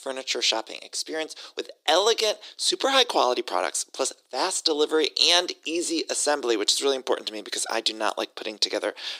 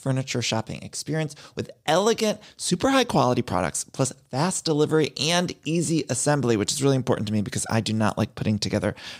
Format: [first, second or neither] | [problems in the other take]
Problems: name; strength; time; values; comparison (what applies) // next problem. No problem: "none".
second | thin; very; fading below 350 Hz